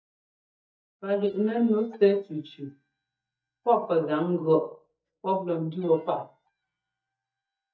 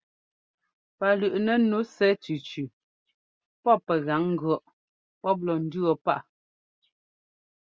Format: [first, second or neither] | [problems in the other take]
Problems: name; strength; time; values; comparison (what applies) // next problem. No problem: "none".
second | noise reduction (neural mask model DeepFilterNet 3)